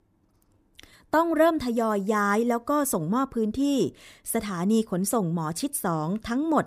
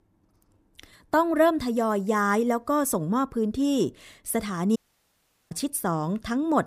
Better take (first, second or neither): first